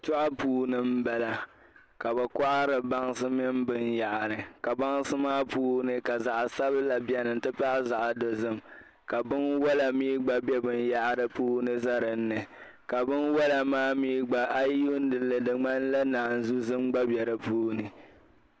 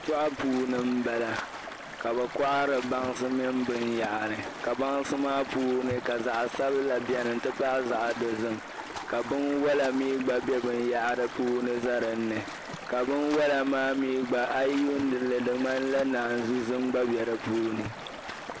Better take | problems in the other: first | background sound (Stream); 11 dB below the speech

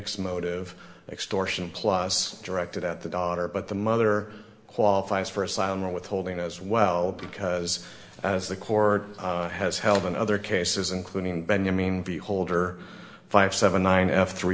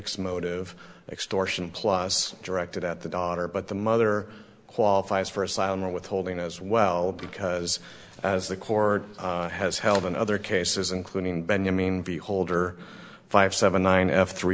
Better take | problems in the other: second | room echo; dies away in 0.7 s

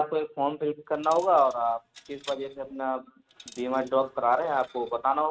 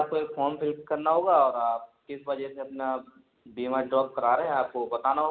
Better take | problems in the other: second | noise reduction (neural mask model RNNoise)

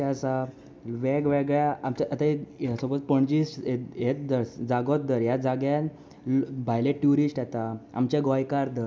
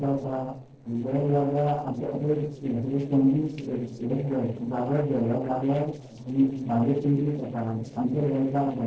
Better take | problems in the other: first | noise reduction (neural separator model SepFormer DNS4)

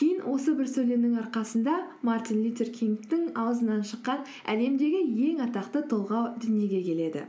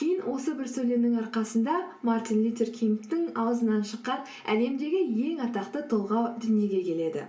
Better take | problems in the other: first | room echo; dies away in 0.2 s

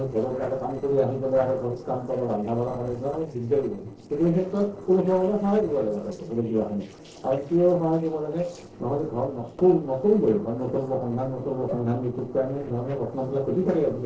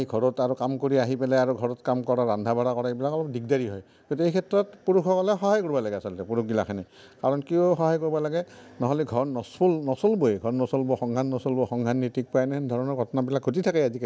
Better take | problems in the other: second | noise reduction (neural separator model SepFormer DNS4)

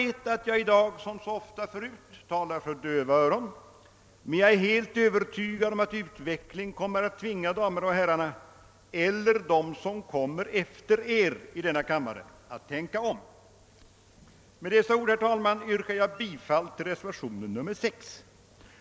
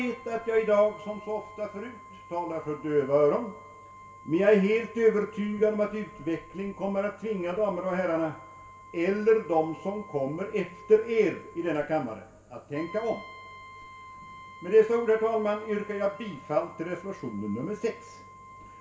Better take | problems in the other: first | background sound (Brass instrument); 20 dB below the speech // room echo; dies away in 0.3 s

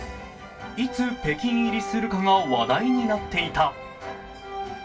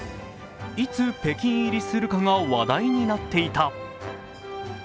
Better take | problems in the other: second | room echo; dies away in 0.2 s

